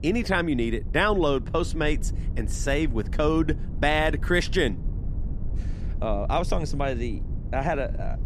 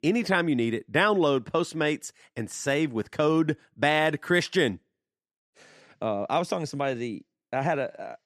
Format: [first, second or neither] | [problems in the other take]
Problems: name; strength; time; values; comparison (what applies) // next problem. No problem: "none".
second | low rumble; faint; throughout; 20 dB below the speech